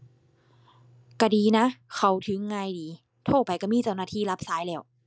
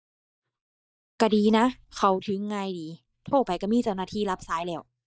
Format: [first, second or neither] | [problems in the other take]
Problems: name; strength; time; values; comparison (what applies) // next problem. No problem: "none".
first | noise reduction (neural mask model DeepFilterNet 3)